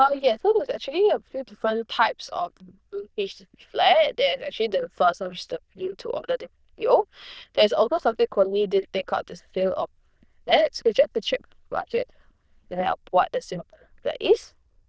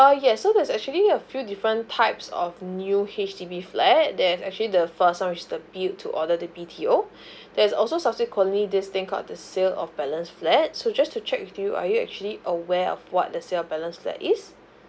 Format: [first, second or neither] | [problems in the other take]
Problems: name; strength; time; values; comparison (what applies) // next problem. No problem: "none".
second | noise reduction (neural diffusion model UNIVERSE++)